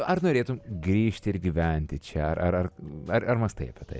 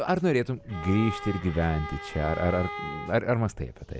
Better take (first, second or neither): first